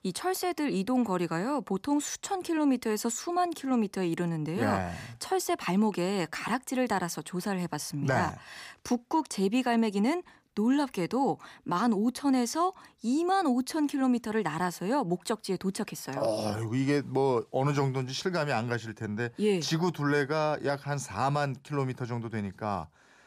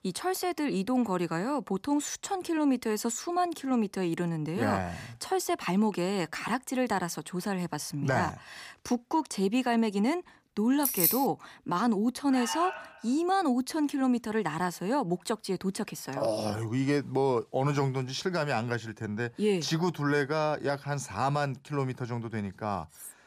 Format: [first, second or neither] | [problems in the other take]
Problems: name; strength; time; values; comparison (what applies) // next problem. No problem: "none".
first | jangling keys; loud; at 11 s; peak 5 dB above the speech // alarm; noticeable; at 12 s; peak 5 dB below the speech // clattering dishes; faint; at 23 s; peak 15 dB below the speech